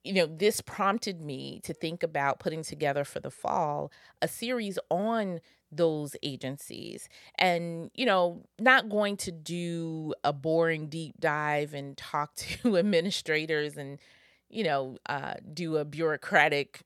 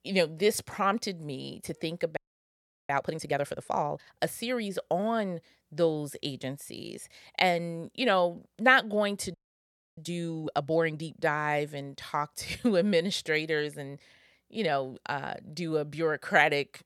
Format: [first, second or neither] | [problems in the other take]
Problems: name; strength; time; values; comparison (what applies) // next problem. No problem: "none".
first | audio freezing; at 2 s for 0.5 s and at 9.5 s for 0.5 s